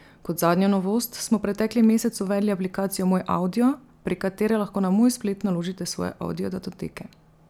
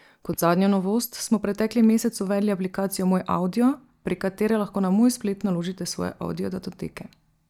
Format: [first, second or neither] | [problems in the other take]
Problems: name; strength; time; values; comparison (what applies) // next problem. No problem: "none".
first | noise reduction (neural mask model DeepFilterNet 3)